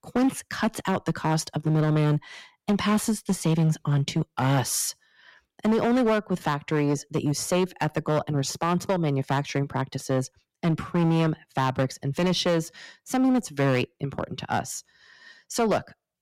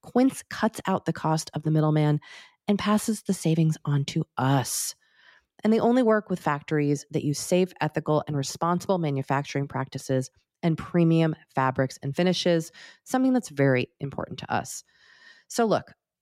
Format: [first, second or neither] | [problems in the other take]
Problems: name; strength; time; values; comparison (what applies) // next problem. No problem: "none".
second | distortion; slight; 8% of the sound clipped